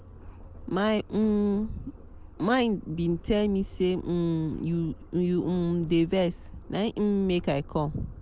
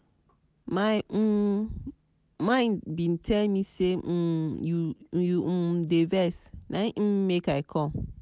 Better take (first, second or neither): second